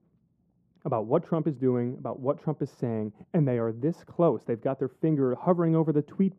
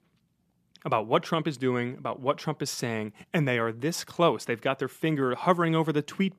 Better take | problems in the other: second | muffled; very; fading above 1.5 kHz

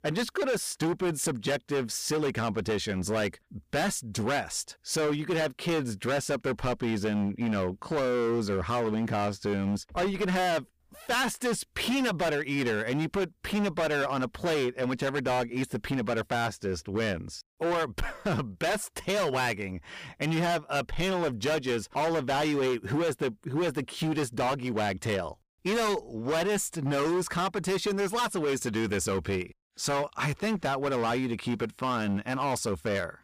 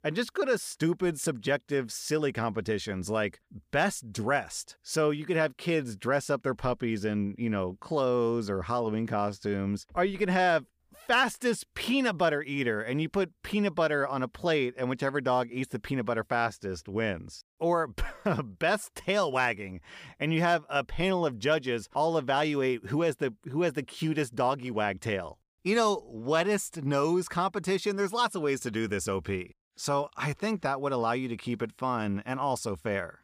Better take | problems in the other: second | distortion; heavy; 20% of the sound clipped

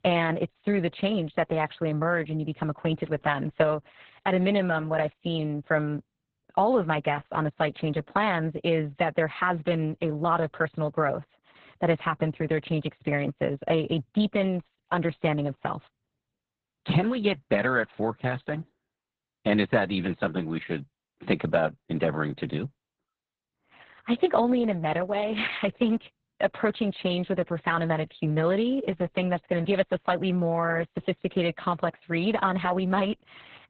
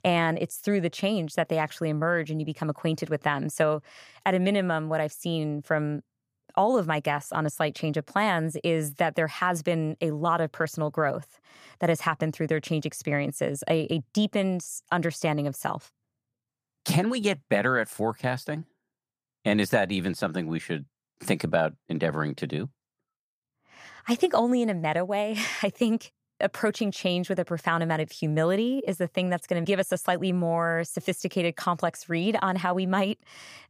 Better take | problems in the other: second | garbled, watery; badly; nothing above 4 kHz

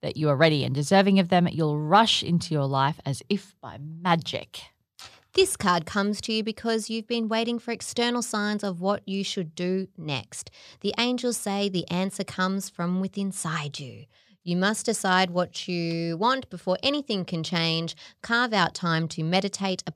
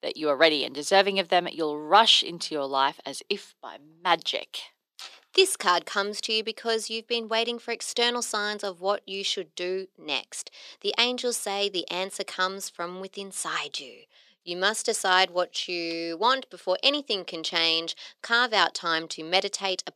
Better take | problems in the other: first | thin; somewhat; fading below 300 Hz

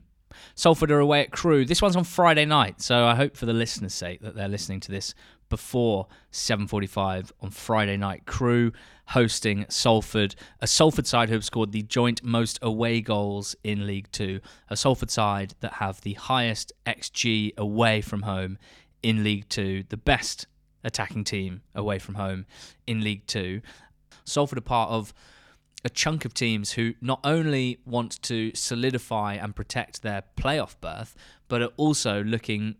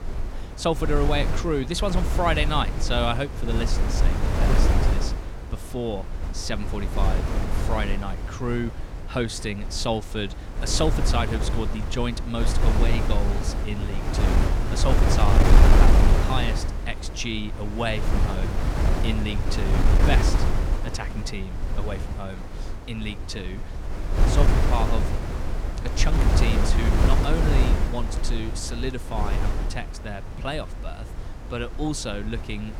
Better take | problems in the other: first | wind noise on the microphone; heavy; 2 dB below the speech

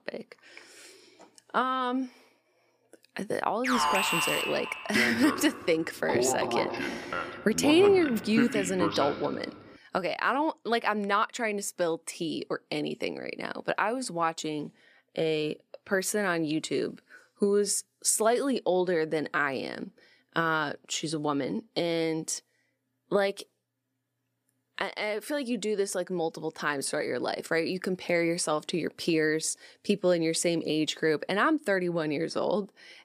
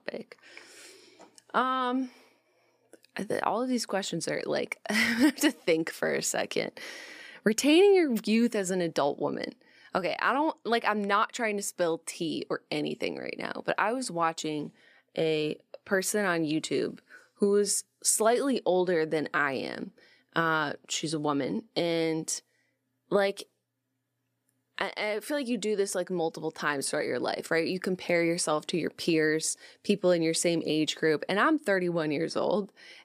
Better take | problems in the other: second | alarm; loud; from 3.5 to 9.5 s; peak 3 dB above the speech

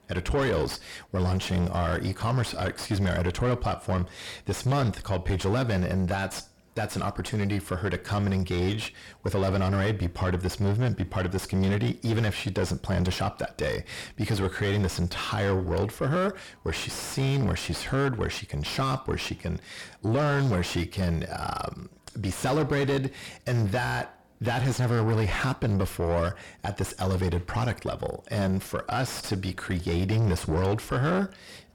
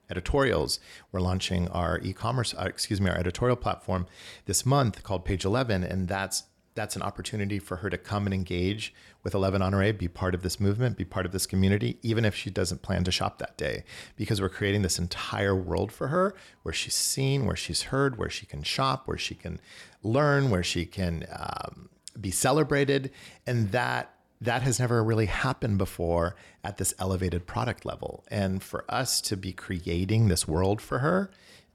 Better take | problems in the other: second | distortion; heavy; 6 dB below the speech

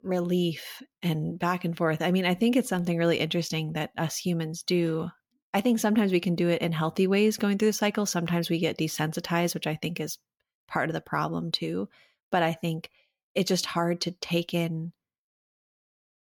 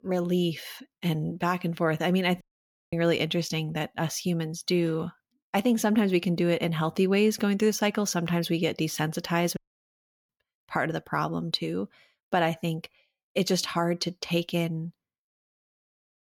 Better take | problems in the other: first | audio cutting out; at 2.5 s for 0.5 s and at 9.5 s for 0.5 s

